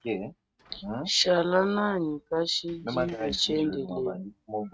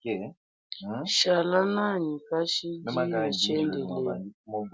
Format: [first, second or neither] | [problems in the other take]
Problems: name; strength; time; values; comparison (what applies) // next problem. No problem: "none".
second | noise reduction (neural mask model RNNoise)